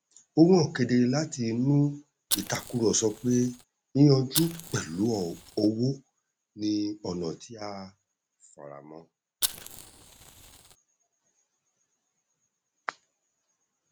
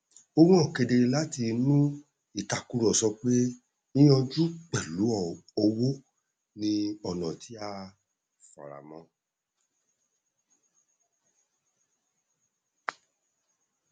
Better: second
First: background sound (Fire); 8 dB below the speech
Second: none

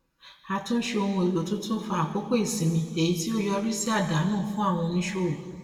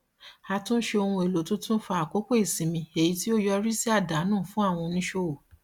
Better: second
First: room echo; dies away in 1.8 s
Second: none

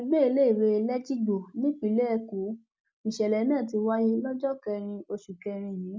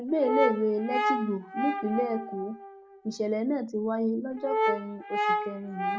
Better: first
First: none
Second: background sound (Brass instrument); 2 dB below the speech

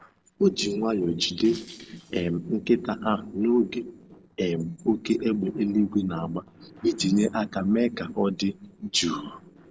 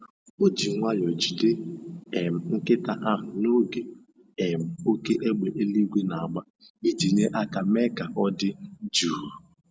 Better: second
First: noise reduction (neural separator model SepFormer DNS4)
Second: none

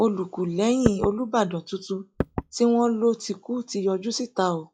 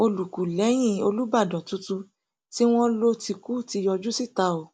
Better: second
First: noise reduction (classical method log-MMSE)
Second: none

